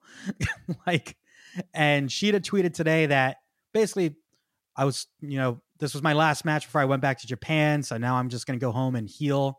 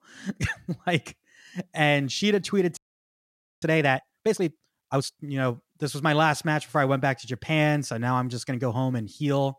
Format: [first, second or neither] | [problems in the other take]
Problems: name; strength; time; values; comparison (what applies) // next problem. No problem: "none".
first | audio freezing; at 3 s for 1 s